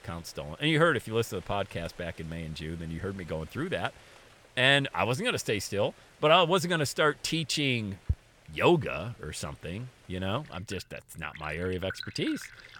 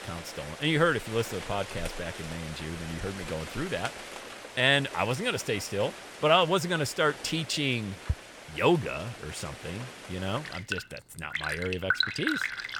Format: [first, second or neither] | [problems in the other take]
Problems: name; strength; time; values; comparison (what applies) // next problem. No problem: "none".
first | rain or running water; loud; throughout; 8 dB below the speech; faint in the first